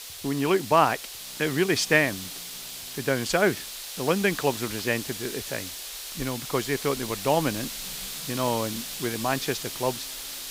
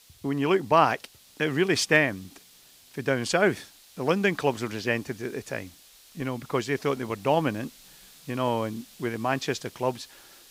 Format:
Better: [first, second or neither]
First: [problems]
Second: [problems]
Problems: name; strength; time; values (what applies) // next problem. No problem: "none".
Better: second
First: hiss; loud; throughout; 8 dB below the speech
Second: hiss; faint; throughout; 25 dB below the speech